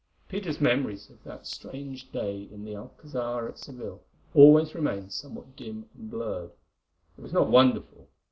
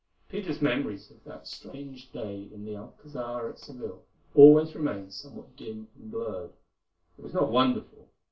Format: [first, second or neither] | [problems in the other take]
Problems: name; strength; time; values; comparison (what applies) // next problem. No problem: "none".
first | room echo; dies away in 0.2 s